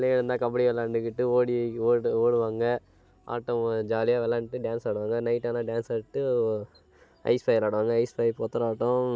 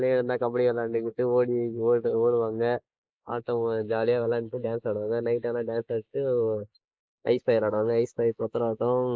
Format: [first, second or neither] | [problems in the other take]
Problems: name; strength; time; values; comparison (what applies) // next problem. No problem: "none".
first | noise reduction (neural mask model Resemble Enhance denoiser)